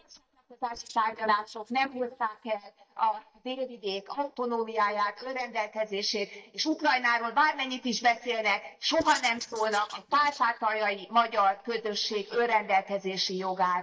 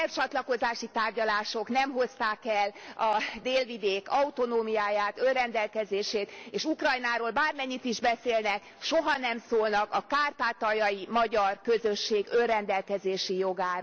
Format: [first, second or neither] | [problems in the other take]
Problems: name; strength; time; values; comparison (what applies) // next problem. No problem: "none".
second | noise reduction (neural mask model DeepFilterNet 3)